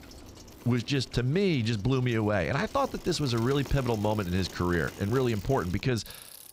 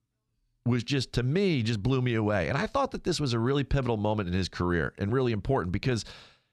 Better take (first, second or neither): second